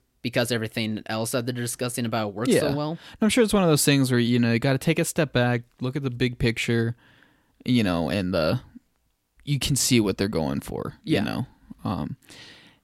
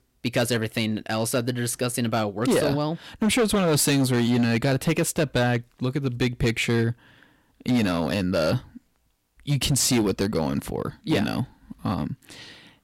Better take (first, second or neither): first